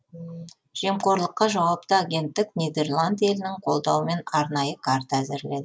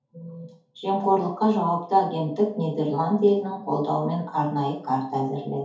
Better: first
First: none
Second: room echo; dies away in 0.5 s

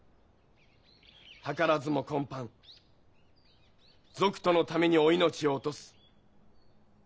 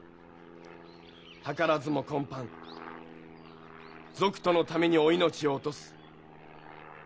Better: first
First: none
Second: background sound (Aircraft); 18 dB below the speech

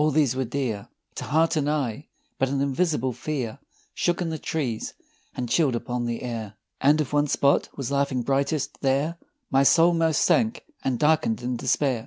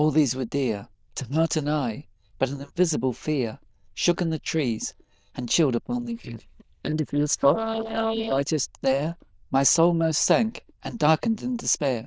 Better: first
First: none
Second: noise reduction (neural diffusion model UNIVERSE++)

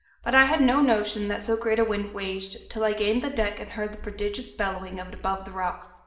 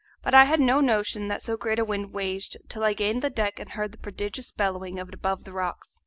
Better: second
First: room echo; dies away in 0.8 s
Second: none

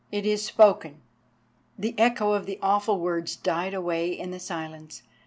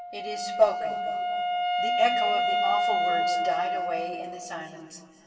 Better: first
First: none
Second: background sound (Wind instrument, woodwind instrument); 3 dB above the speech // room echo; dies away in 2.5 s

